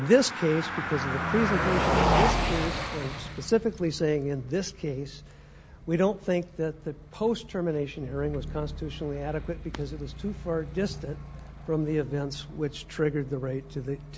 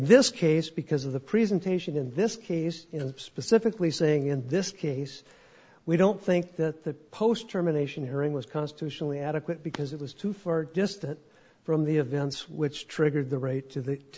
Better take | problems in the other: second | background sound (Car passing by); 3 dB below the speech

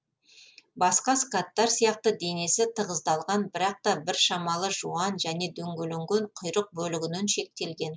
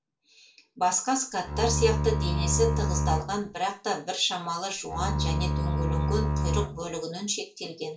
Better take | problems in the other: first | background sound (Bowed string instrument); 3 dB above the speech // room echo; dies away in 0.3 s

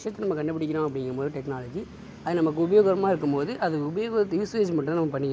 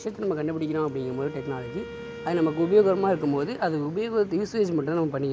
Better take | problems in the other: first | background sound (Wind instrument, woodwind instrument); 17 dB below the speech

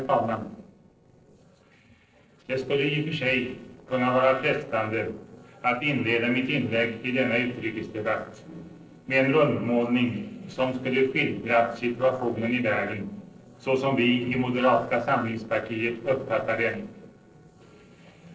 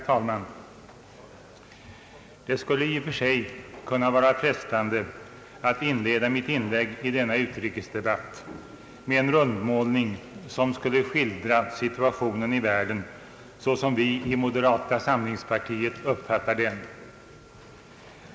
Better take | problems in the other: second | noise reduction (neural separator model SepFormer DNS4)

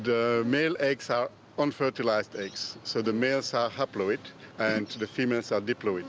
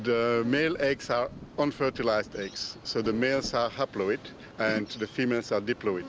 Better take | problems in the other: first | background sound (Rain); 20 dB below the speech

